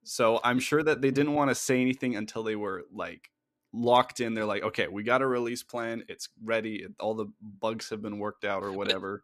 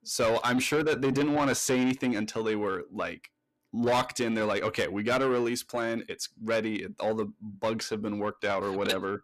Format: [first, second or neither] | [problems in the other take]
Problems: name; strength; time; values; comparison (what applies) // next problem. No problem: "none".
first | distortion; heavy; 8 dB below the speech